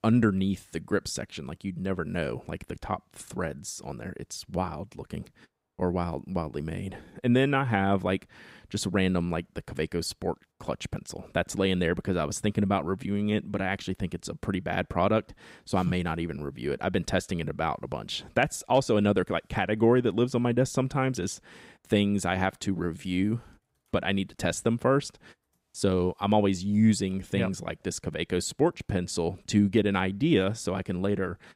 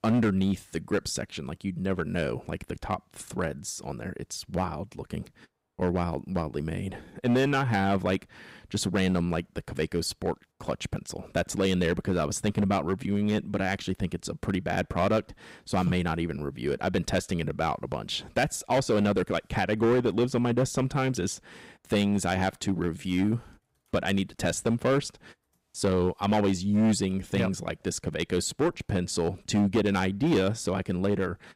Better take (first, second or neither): first